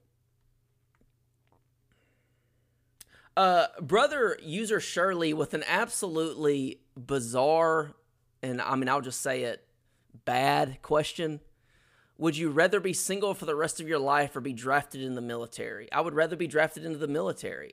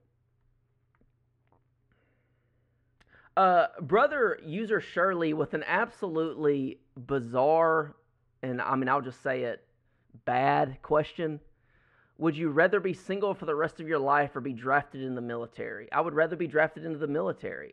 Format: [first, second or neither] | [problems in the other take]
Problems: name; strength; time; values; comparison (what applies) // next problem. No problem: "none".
first | muffled; very; fading above 1.5 kHz